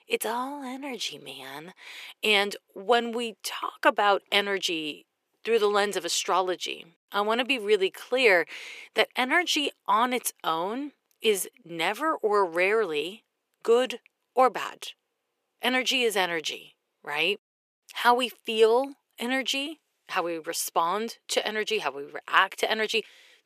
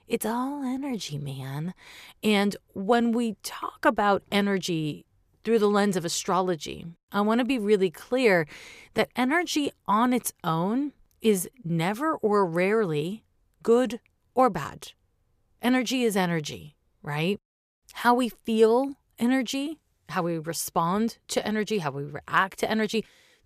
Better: second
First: thin; somewhat; fading below 350 Hz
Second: none

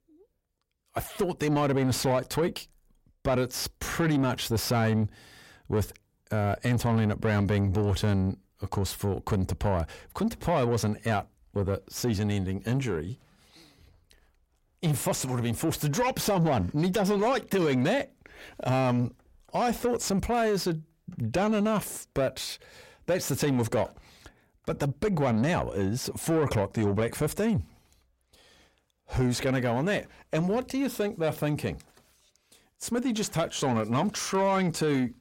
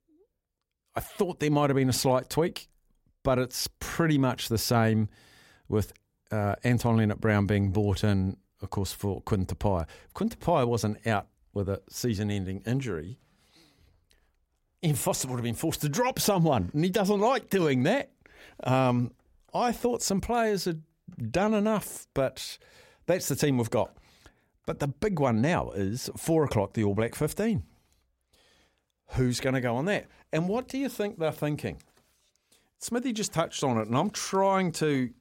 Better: second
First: distortion; slight; 10 dB below the speech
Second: none

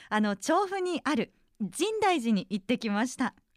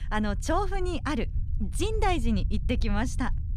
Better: first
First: none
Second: low rumble; noticeable; throughout; 20 dB below the speech

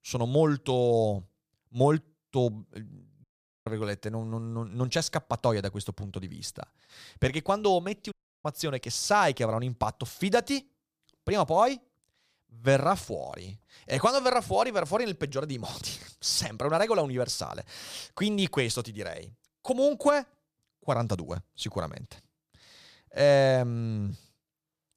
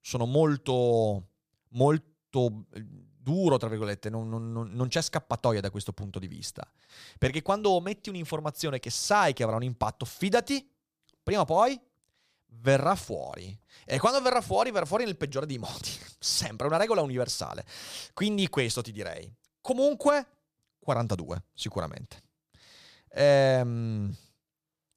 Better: second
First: audio cutting out; at 3 s and at 8 s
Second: none

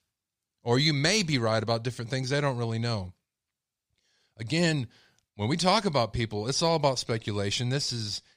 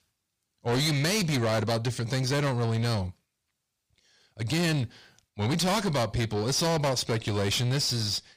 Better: first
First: none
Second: distortion; heavy; 6 dB below the speech

